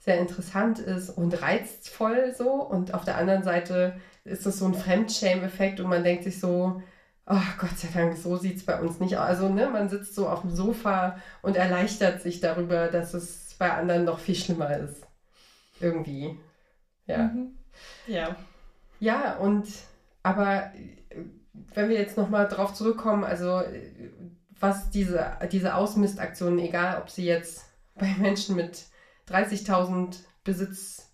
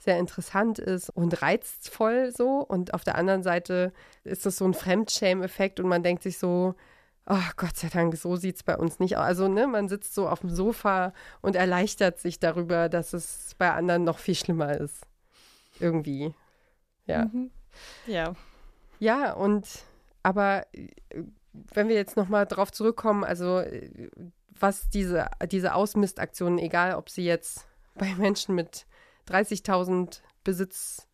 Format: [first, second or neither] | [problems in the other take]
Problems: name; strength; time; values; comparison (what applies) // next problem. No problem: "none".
second | room echo; slight; dies away in 0.3 s // off-mic speech; somewhat distant